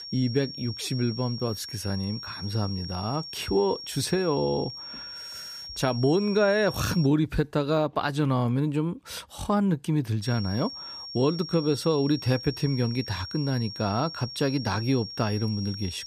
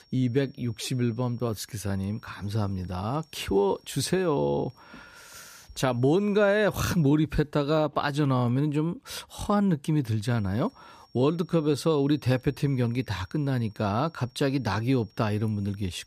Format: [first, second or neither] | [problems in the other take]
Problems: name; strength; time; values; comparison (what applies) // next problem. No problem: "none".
second | high-pitched whine; loud; until 7 s and from 10 s on; 5.5 kHz, 10 dB below the speech; faint in the second